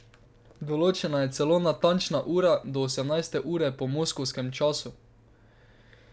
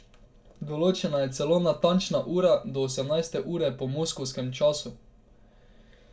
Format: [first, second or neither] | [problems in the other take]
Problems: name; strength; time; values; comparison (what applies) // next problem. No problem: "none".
first | room echo; dies away in 0.2 s